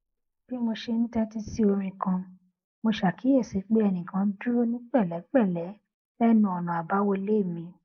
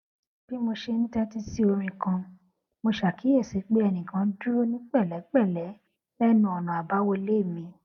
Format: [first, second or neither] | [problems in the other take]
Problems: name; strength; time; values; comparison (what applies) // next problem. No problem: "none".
second | noise reduction (neural mask model Resemble Enhance denoiser)